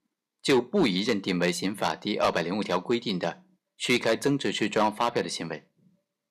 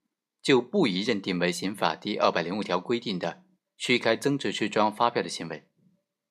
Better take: second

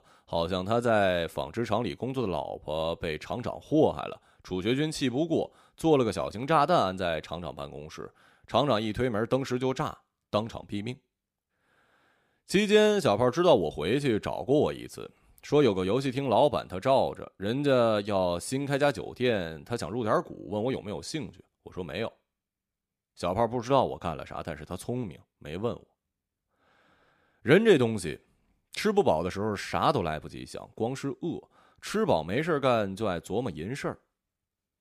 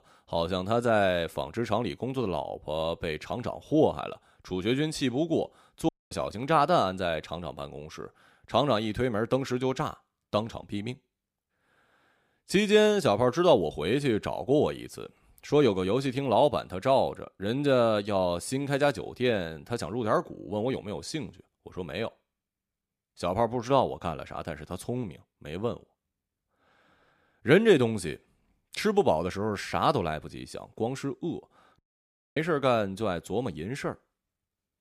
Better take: first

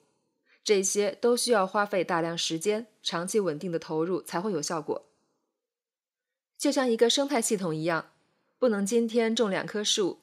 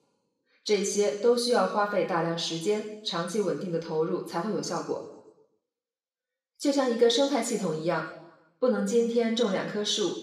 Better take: first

